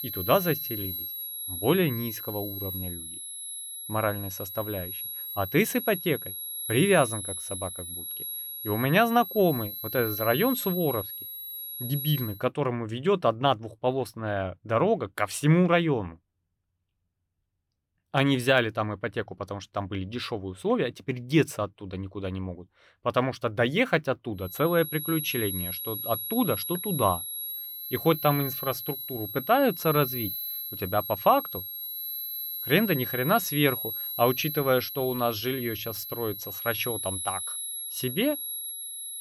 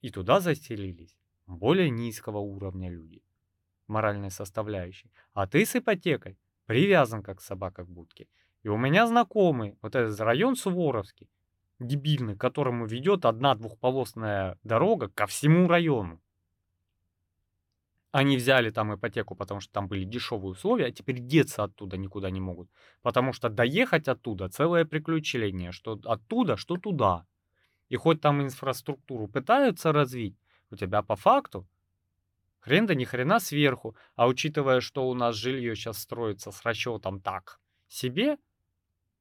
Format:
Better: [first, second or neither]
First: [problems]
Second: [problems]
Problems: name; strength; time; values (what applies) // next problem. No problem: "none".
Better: second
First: high-pitched whine; loud; until 12 s and from 25 s on; 11.5 kHz, 5 dB below the speech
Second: none